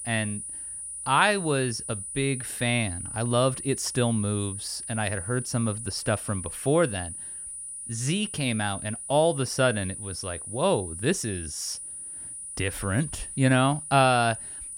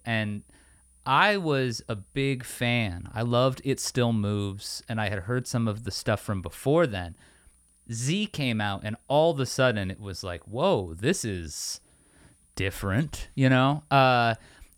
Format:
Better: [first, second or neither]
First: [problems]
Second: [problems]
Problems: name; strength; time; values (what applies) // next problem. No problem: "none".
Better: second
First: high-pitched whine; loud; throughout; 9.5 kHz, 8 dB below the speech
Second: high-pitched whine; faint; throughout; 9.5 kHz, 35 dB below the speech